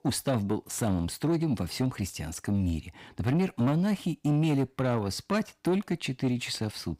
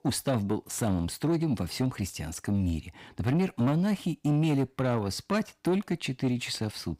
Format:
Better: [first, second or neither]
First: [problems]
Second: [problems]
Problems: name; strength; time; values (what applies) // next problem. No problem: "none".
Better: neither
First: distortion; slight; 10 dB below the speech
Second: distortion; slight; 10 dB below the speech